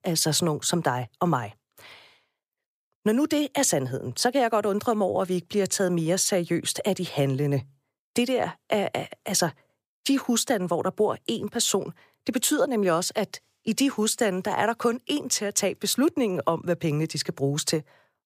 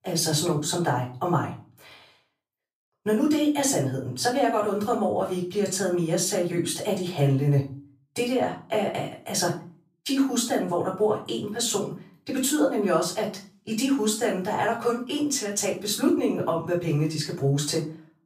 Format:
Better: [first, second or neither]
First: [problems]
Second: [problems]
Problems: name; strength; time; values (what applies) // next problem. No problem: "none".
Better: first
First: none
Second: off-mic speech; far // room echo; slight; dies away in 0.3 s